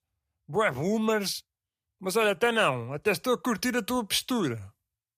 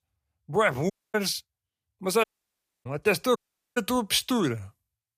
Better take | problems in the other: first | audio cutting out; at 1 s, at 2 s for 0.5 s and at 3.5 s

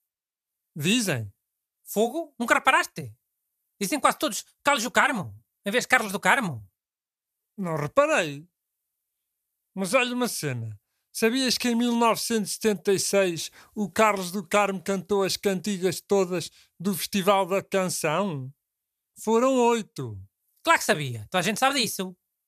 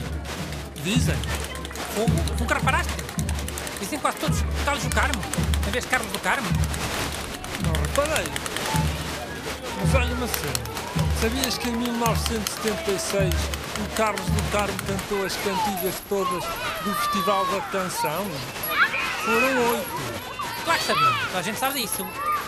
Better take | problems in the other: first | crowd noise; very loud; throughout; 1 dB above the speech

